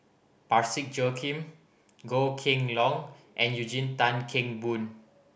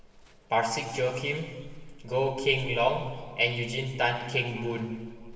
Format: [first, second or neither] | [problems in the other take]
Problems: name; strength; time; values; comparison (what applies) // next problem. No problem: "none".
first | background sound (Livestock, farm animals, working animals); 17 dB below the speech // room echo; dies away in 1.9 s